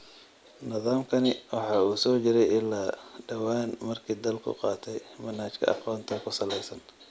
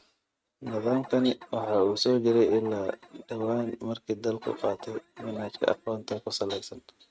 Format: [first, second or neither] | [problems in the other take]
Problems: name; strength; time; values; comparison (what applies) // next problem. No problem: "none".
first | noise reduction (neural mask model RNNoise)